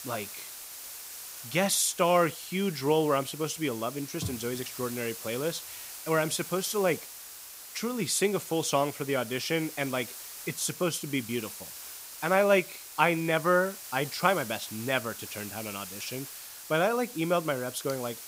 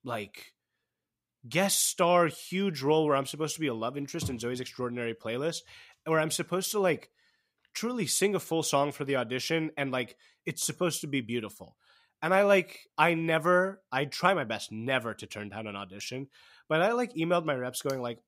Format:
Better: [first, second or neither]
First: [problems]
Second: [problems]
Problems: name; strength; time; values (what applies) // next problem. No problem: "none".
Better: second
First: hiss; noticeable; throughout; 10 dB below the speech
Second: none